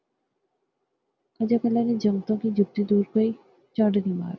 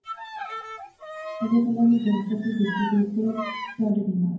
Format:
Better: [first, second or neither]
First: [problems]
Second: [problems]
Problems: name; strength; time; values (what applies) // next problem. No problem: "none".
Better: first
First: none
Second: background sound (Bowed string instrument); 11 dB below the speech // room echo; dies away in 0.9 s